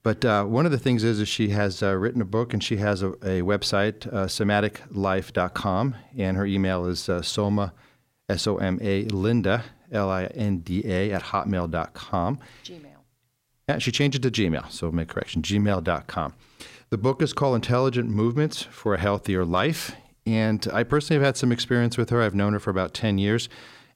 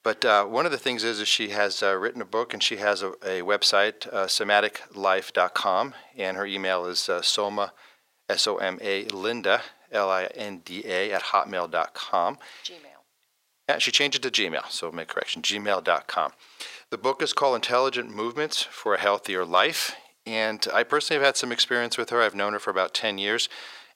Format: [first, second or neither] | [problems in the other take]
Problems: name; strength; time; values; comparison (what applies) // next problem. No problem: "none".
first | thin; very; fading below 650 Hz